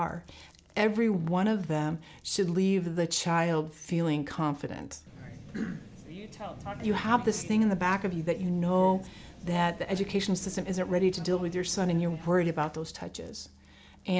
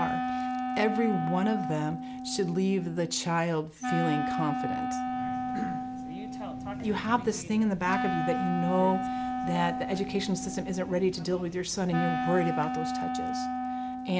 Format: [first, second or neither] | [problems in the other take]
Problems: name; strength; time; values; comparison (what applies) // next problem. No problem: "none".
first | background sound (Wind instrument, woodwind instrument); 3 dB below the speech